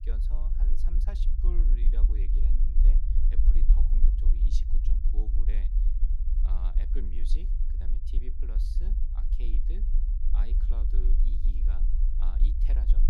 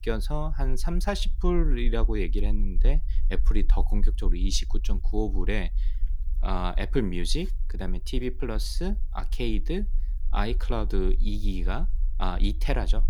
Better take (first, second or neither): second